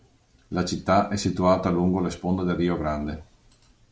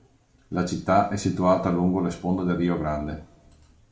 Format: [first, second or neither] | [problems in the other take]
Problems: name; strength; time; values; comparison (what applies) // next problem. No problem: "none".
first | room echo; dies away in 1 s